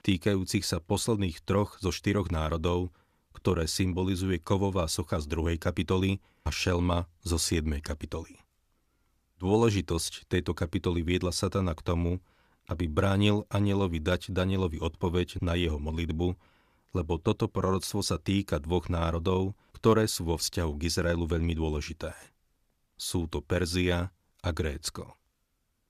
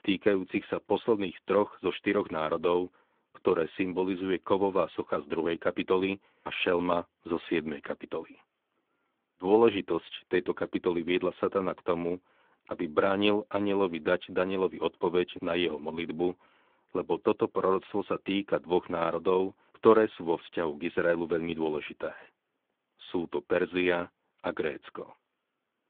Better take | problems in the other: first | phone-call audio

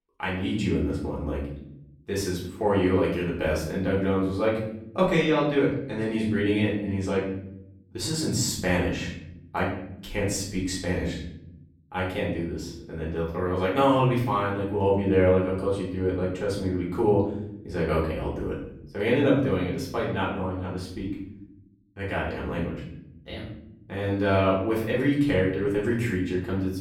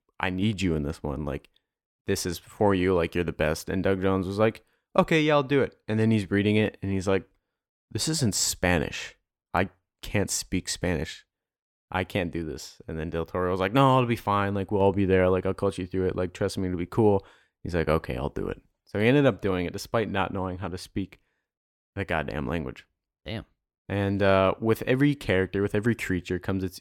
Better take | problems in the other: second | room echo; noticeable; dies away in 0.7 s // off-mic speech; far

